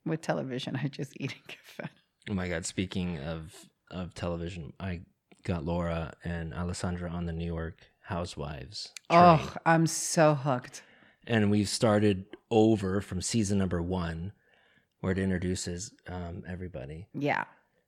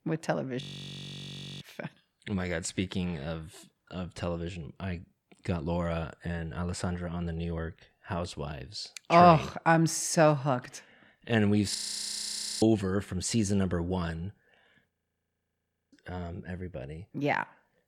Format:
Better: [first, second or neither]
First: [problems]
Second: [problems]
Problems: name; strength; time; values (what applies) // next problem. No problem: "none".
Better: first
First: none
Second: audio freezing; at 0.5 s for 1 s, at 12 s for 1 s and at 15 s for 1 s